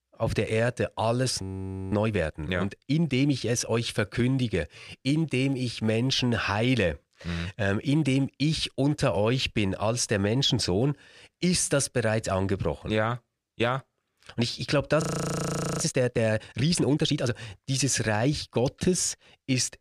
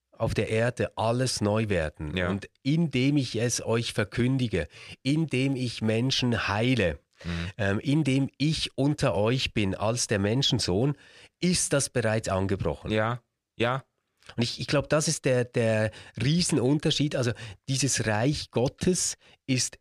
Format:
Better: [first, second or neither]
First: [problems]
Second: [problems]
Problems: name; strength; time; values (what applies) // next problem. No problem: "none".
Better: second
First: audio freezing; at 1.5 s for 0.5 s and at 15 s for 1 s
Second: none